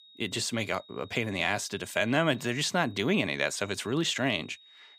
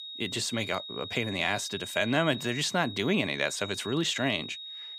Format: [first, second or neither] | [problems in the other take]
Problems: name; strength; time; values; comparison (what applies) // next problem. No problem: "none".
first | high-pitched whine; loud; throughout; 4 kHz, 10 dB below the speech; faint in the first